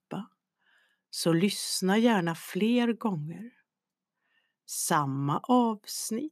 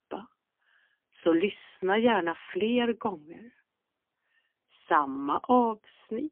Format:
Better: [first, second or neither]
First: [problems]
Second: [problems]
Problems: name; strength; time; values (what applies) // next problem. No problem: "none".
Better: first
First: none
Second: phone-call audio; poor line; nothing above 3 kHz